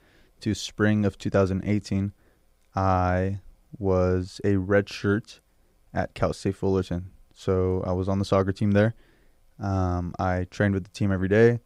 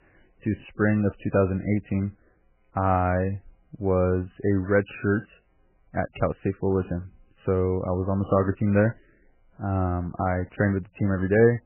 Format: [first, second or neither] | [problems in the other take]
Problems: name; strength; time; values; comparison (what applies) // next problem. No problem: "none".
first | garbled, watery; badly; nothing above 3 kHz